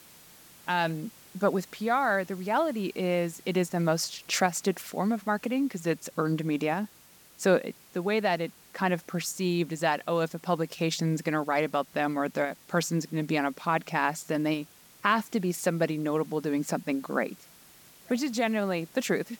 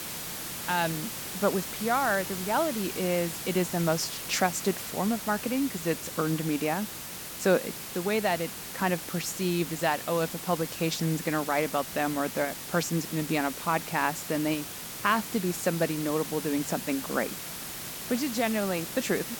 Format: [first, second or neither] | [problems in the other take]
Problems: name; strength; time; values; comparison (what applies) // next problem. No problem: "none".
first | hiss; loud; throughout; 6 dB below the speech; faint in the first